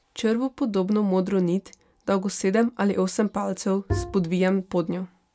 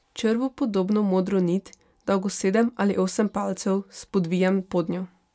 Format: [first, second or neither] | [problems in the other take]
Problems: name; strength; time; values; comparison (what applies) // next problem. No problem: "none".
second | background sound (Bowed string instrument); 6 dB below the speech